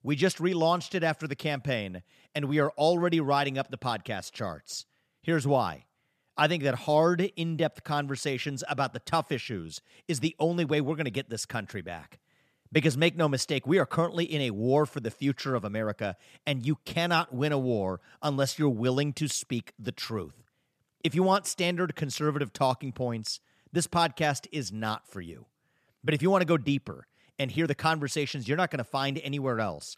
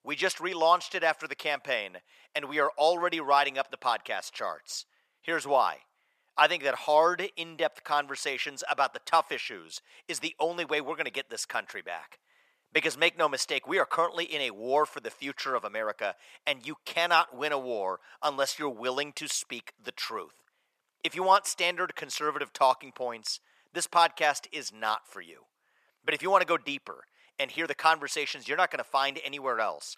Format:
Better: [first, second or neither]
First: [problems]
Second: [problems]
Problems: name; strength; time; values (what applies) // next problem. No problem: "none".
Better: first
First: none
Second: thin; very; fading below 600 Hz